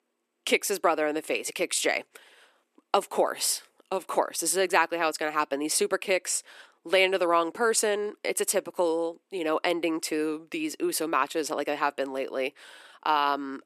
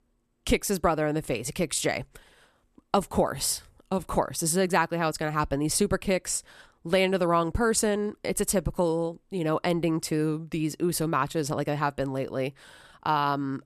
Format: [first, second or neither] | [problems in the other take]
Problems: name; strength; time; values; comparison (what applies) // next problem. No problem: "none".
second | thin; somewhat; fading below 300 Hz